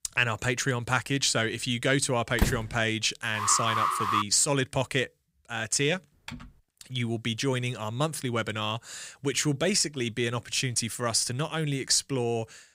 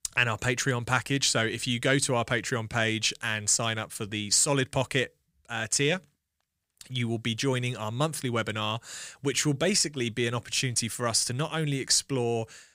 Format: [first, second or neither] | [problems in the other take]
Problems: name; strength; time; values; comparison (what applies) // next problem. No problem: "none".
second | door banging; noticeable; at 2.5 s; peak 3 dB below the speech // alarm; loud; at 3.5 s; peak 1 dB above the speech // keyboard typing; faint; at 6.5 s; peak 15 dB below the speech